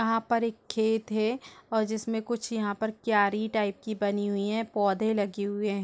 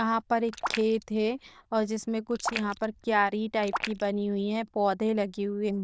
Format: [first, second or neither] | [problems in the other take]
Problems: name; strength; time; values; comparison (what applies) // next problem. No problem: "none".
first | noise reduction (neural diffusion model UNIVERSE++)